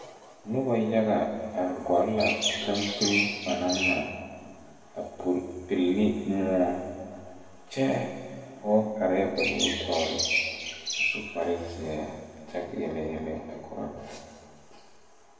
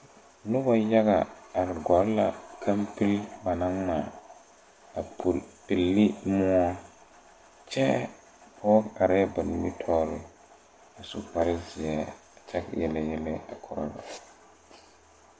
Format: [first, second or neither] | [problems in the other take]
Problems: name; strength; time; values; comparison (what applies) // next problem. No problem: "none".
second | background sound (Chirp, tweet); 1 dB below the speech // room echo; dies away in 1.9 s